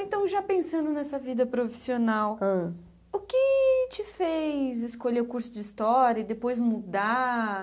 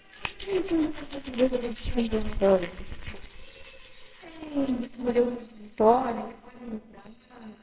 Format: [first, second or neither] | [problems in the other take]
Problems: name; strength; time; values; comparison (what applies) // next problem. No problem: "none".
first | noise reduction (neural separator model SepFormer WHAMR!)